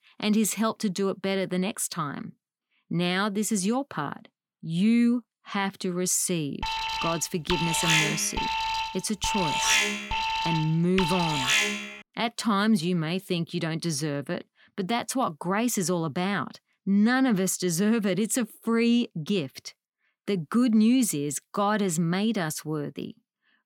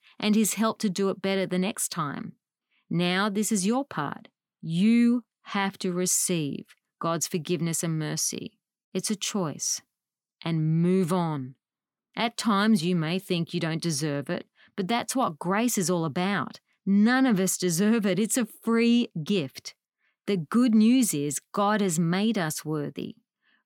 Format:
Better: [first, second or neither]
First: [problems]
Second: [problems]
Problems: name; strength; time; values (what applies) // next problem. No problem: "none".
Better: second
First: alarm; loud; from 6.5 to 12 s; peak 5 dB above the speech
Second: none